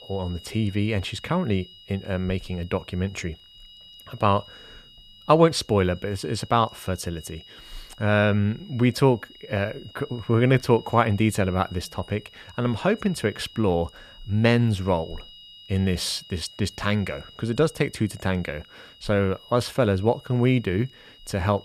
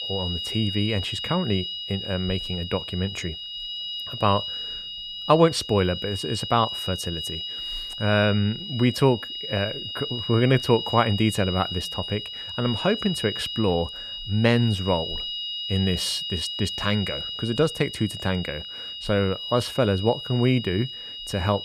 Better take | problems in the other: first | high-pitched whine; loud; throughout; 3 kHz, 6 dB below the speech; faint in the first

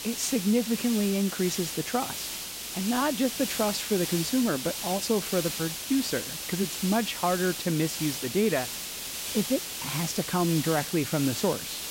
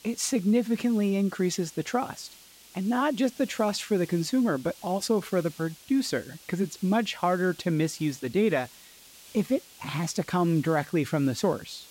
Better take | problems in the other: second | hiss; loud; throughout; 4 dB below the speech; faint in the second

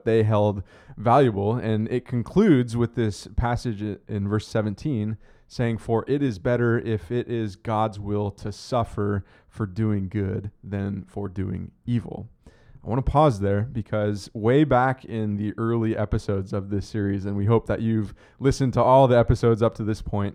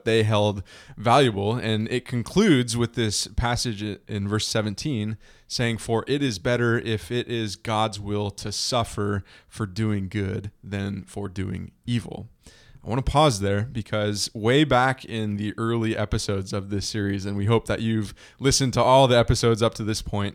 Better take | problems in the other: second | muffled; slightly; fading above 2 kHz

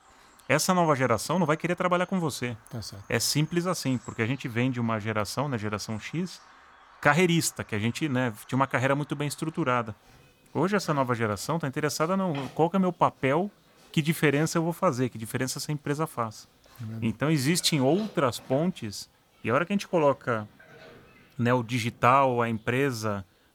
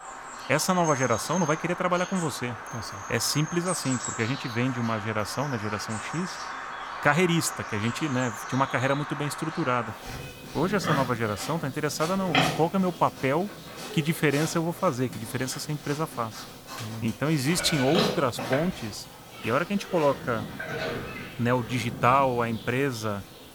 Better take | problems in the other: first | animal sounds; loud; throughout; 7 dB below the speech; faint in the first

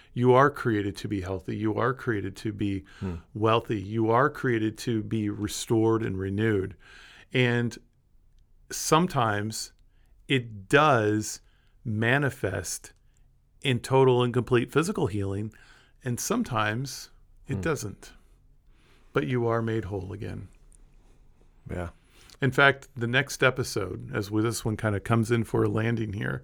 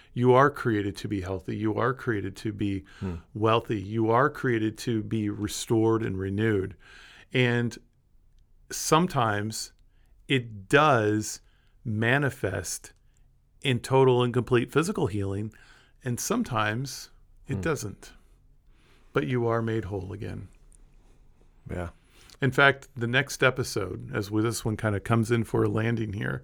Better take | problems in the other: neither | none

